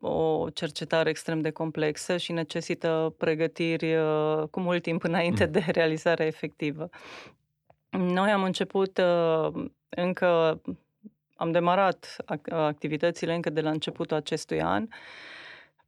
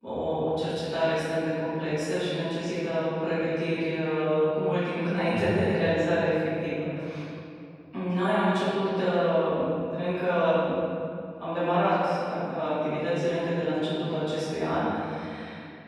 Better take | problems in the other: first | room echo; strong; dies away in 2.4 s // off-mic speech; far

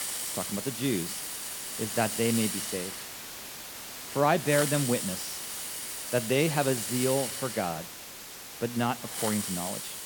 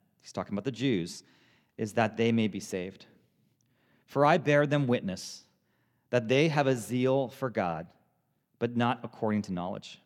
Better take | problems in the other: second | hiss; loud; throughout; 4 dB below the speech

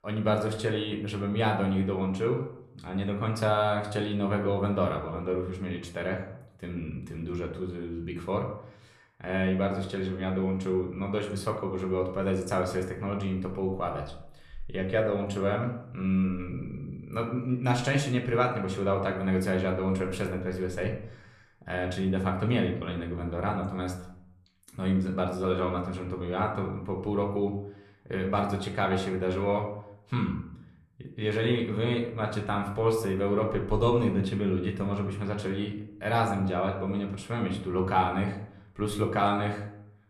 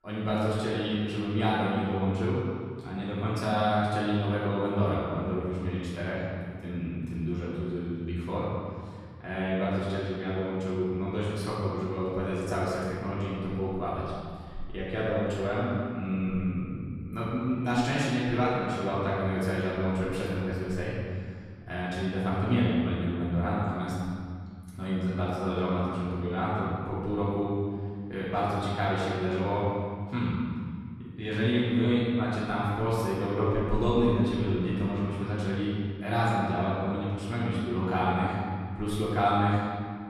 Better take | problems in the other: first | room echo; strong; dies away in 2 s; slight in the first // off-mic speech; far; somewhat distant in the first

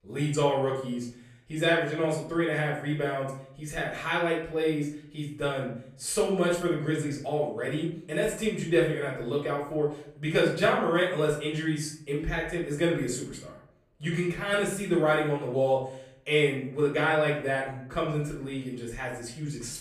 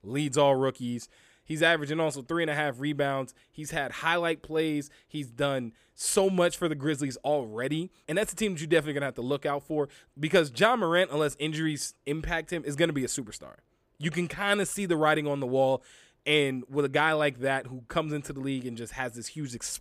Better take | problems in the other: second | off-mic speech; far // room echo; noticeable; dies away in 0.5 s

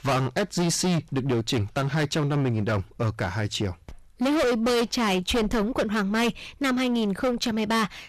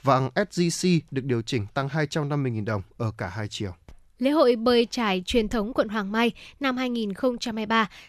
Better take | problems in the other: second | distortion; heavy; 22% of the sound clipped

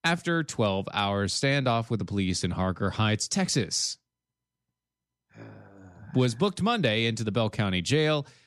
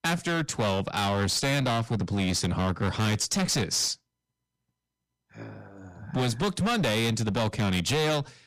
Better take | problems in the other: first | distortion; heavy; 20% of the sound clipped

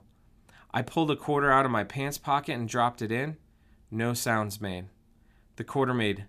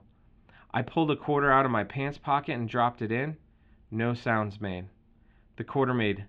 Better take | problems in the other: first | muffled; very; fading above 3 kHz

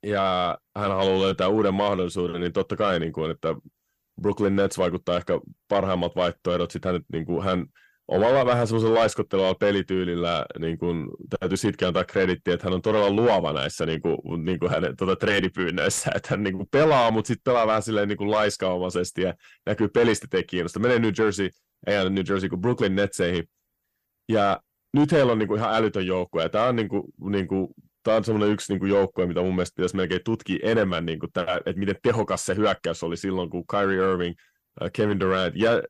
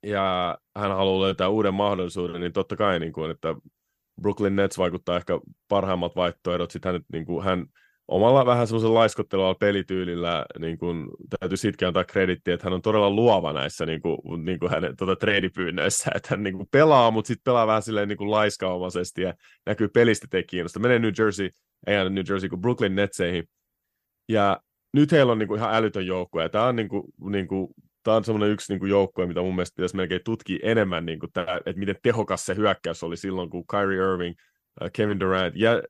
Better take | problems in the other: second | distortion; slight; 10 dB below the speech

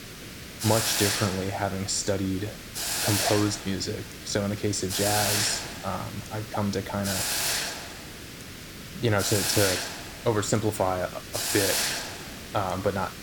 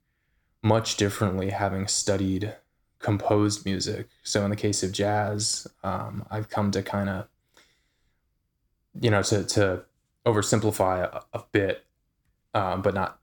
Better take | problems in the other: second | hiss; loud; throughout; 1 dB below the speech

